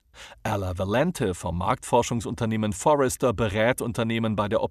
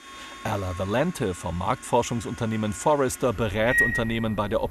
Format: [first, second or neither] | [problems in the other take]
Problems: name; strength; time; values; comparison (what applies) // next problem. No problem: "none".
first | household noises; loud; throughout; 1 dB below the speech